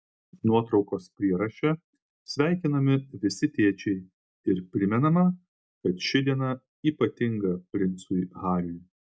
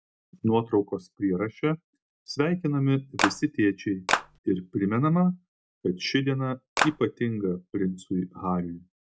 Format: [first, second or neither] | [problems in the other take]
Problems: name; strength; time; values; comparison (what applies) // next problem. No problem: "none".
first | background sound (Clapping); 1 dB above the speech